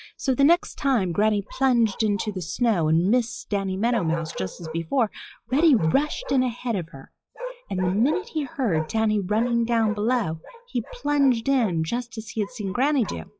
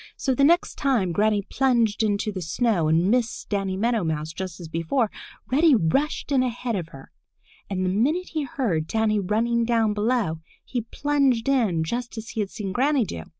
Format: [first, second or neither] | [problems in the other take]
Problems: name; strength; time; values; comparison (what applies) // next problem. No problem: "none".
second | noise reduction (classical method log-MMSE)